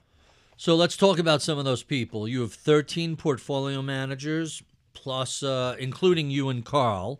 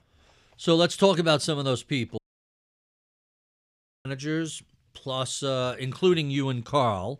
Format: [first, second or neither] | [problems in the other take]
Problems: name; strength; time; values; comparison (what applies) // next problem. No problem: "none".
first | audio cutting out; at 2 s for 2 s